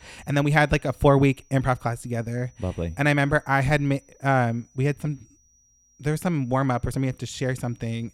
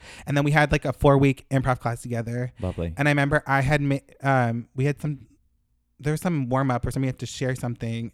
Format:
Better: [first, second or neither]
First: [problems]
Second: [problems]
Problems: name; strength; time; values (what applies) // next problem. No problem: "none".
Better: second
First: high-pitched whine; faint; throughout; 6 kHz, 35 dB below the speech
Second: none